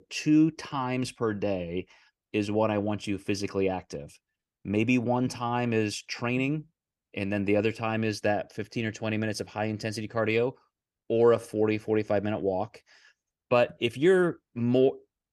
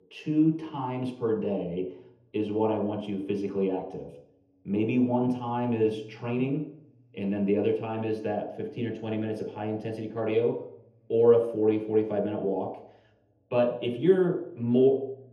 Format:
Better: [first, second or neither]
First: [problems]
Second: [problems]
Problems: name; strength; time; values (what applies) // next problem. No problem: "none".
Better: first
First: none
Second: room echo; noticeable; dies away in 0.7 s // off-mic speech; far